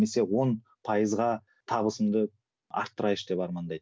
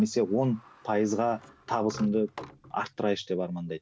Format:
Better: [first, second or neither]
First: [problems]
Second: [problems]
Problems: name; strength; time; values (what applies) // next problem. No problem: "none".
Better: first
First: none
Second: background sound (Sliding door); 20 dB below the speech